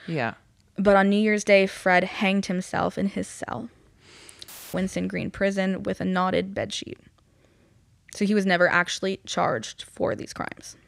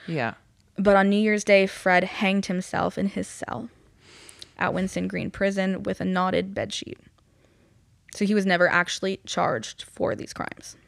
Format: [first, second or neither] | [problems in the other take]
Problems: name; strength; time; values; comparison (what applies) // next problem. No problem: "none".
second | audio cutting out; filled with static; at 4.5 s